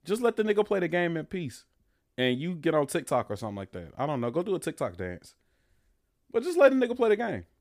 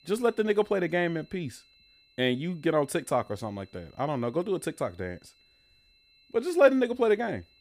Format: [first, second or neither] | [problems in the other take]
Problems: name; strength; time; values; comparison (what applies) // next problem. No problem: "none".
first | high-pitched whine; faint; throughout; 4 kHz, 35 dB below the speech